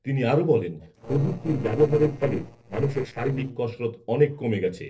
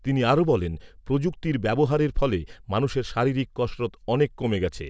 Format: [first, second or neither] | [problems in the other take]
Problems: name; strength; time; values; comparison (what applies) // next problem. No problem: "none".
second | noise reduction (neural separator model SepFormer DNS4)